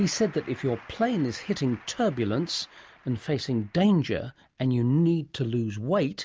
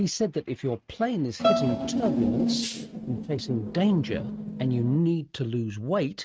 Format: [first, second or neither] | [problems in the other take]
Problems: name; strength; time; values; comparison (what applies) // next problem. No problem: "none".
first | noise reduction (neural mask model RNNoise)